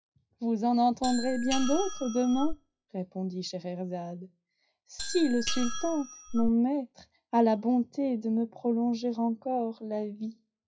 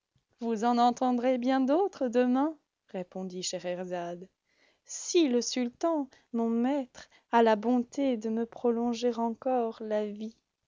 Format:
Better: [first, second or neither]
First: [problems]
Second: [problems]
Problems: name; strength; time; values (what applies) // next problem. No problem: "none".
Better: second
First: noise reduction (classical method WPE with log-MMSE)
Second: none